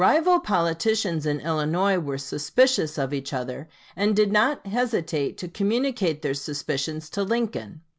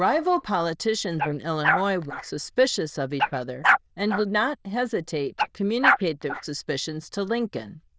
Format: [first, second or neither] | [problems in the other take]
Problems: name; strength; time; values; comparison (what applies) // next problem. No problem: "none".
first | noise reduction (neural diffusion model UNIVERSE++)